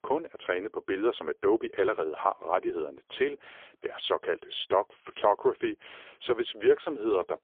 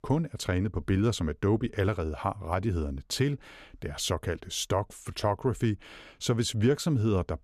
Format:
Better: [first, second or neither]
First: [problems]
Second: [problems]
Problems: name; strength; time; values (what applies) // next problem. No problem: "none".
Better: second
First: phone-call audio; poor line; nothing above 3.5 kHz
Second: none